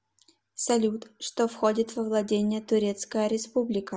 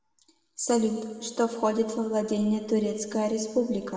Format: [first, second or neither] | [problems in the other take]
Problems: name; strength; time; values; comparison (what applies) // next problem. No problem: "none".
first | room echo; dies away in 1.7 s